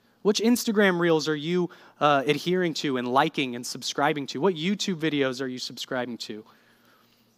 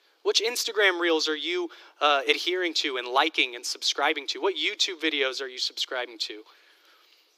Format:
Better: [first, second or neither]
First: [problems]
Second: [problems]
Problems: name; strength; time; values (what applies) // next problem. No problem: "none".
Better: first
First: none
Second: thin; very; fading below 300 Hz